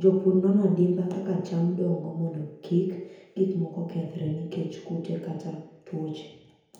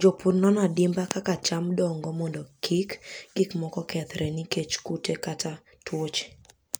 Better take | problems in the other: second | room echo; dies away in 1 s

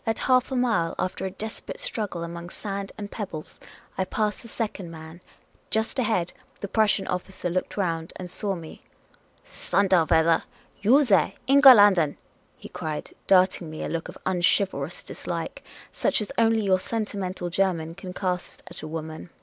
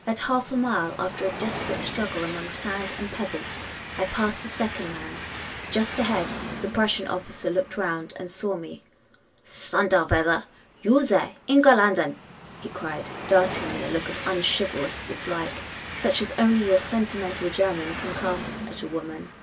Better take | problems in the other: first | background sound (Train); 10 dB below the speech // room echo; dies away in 0.1 s

